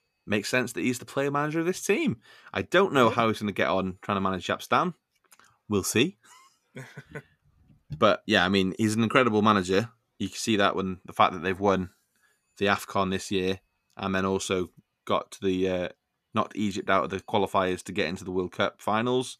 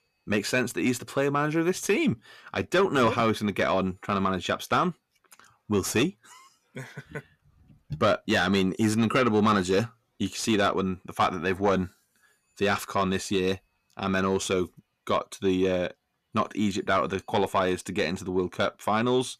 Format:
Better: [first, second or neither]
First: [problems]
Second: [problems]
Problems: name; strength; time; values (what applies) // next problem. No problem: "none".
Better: first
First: none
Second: distortion; slight; 10 dB below the speech